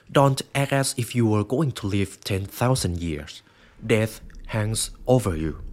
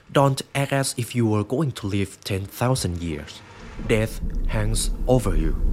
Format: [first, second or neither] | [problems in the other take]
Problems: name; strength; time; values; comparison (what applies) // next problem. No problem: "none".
first | rain or running water; loud; throughout; 8 dB below the speech; faint in the first